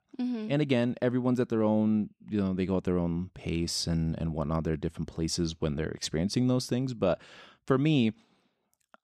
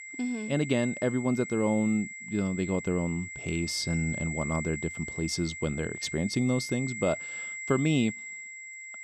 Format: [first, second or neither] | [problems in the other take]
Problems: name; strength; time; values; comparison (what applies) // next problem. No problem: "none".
first | high-pitched whine; loud; throughout; 2 kHz, 8 dB below the speech